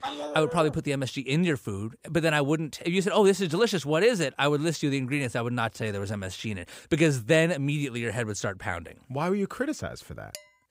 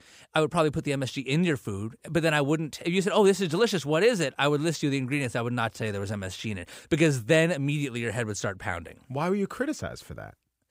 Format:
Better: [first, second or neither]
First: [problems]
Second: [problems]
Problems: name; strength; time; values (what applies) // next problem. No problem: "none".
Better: second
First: dog barking; noticeable; at the start; peak 7 dB below the speech // clattering dishes; faint; at 10 s; peak 15 dB below the speech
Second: none